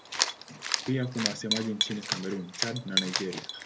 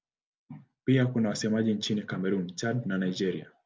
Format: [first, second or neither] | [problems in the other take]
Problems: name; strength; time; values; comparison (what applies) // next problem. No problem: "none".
second | background sound (Cat); 1 dB above the speech